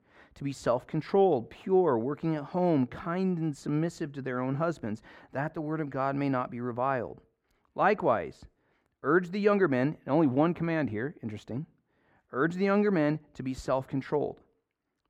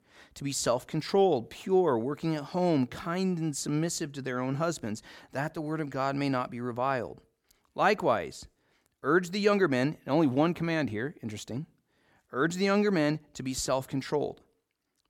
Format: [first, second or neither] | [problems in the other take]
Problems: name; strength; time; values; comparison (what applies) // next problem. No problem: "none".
second | muffled; slightly; fading above 3.5 kHz